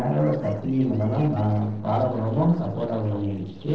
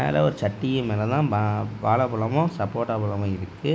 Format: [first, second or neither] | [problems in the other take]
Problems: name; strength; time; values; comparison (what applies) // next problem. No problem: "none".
second | noise reduction (neural separator model SepFormer DNS4)